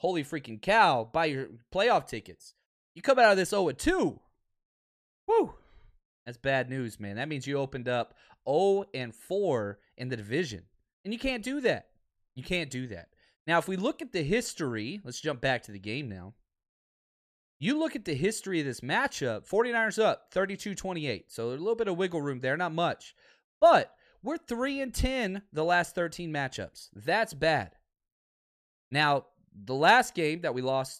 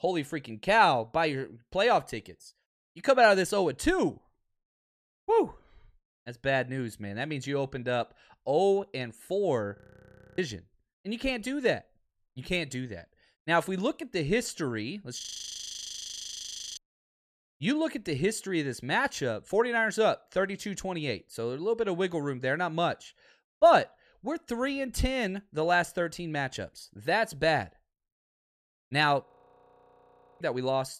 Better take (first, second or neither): first